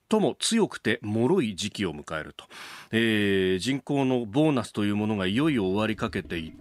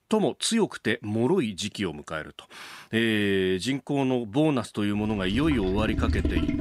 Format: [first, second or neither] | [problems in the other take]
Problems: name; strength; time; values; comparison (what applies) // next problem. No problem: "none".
first | household noises; loud; from 5 s on; 3 dB below the speech; faint in the first